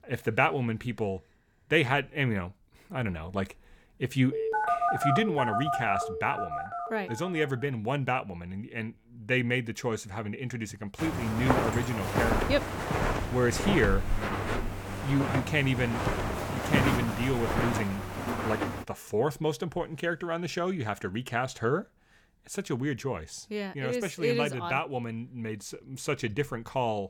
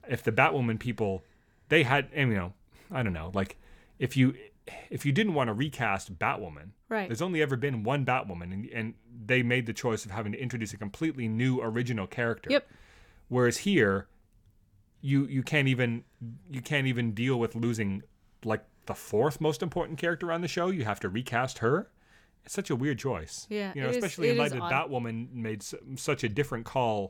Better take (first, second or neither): second